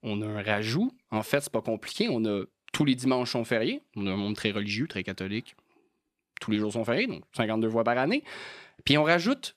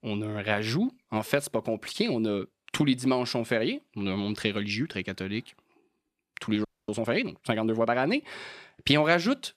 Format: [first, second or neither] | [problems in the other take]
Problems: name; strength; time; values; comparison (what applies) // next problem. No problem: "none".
first | audio freezing; at 6.5 s